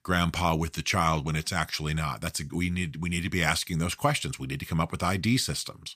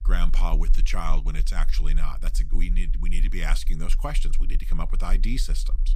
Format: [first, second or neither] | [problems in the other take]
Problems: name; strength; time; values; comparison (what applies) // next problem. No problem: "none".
first | low rumble; noticeable; throughout; 20 dB below the speech